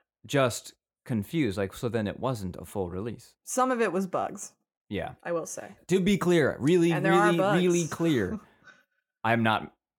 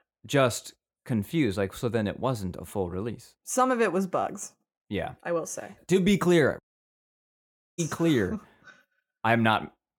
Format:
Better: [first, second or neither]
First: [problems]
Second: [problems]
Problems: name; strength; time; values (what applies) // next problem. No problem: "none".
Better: first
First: none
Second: audio cutting out; at 6.5 s for 1 s